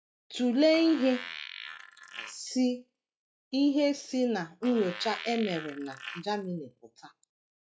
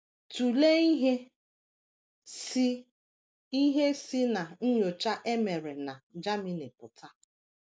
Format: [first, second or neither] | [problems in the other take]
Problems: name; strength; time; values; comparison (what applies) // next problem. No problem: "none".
second | noise reduction (classical method log-MMSE)